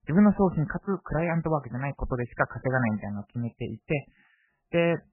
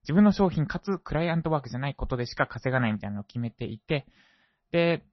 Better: second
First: garbled, watery; badly; nothing above 3 kHz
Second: garbled, watery; slightly; nothing above 6 kHz

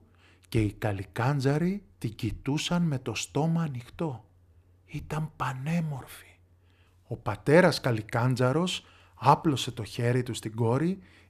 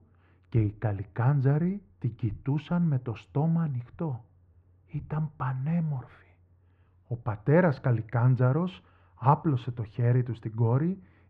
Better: first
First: none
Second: muffled; very; fading above 1.5 kHz

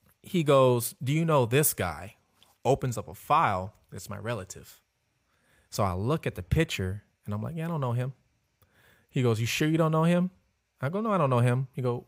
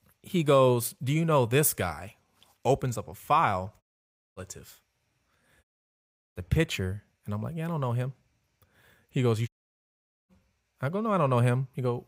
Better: first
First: none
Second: audio cutting out; at 4 s for 0.5 s, at 5.5 s for 0.5 s and at 9.5 s for 1 s

